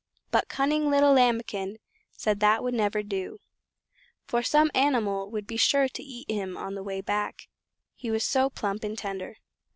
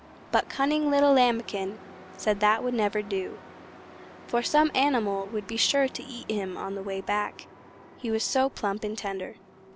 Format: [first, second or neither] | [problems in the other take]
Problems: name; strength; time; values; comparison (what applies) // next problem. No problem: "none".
first | background sound (Truck); 19 dB below the speech